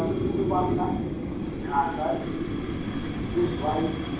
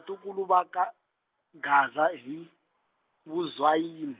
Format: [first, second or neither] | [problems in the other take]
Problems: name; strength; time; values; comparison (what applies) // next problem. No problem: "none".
second | background sound (Fire); 2 dB above the speech // room echo; dies away in 0.7 s